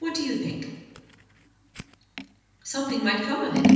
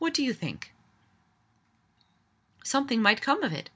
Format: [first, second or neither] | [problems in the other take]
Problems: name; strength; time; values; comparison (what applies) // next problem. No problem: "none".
second | background sound (Scissors); 2 dB above the speech // room echo; dies away in 1.1 s